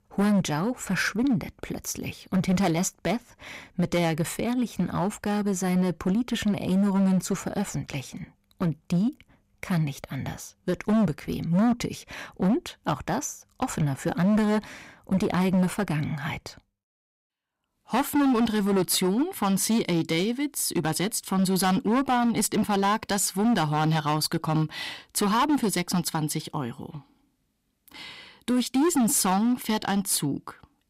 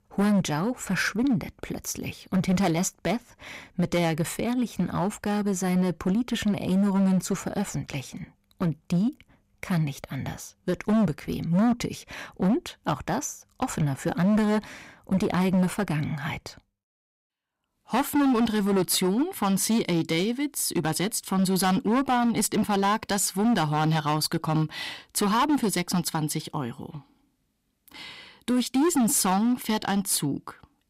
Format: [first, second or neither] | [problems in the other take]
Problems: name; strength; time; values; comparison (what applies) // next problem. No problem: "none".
neither | distortion; heavy; 11% of the sound clipped; the same in both